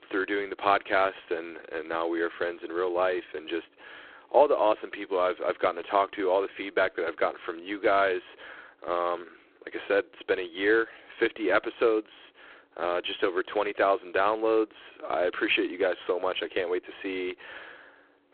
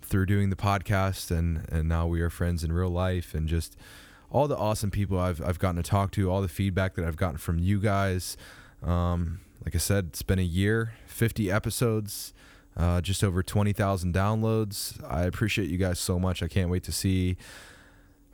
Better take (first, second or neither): second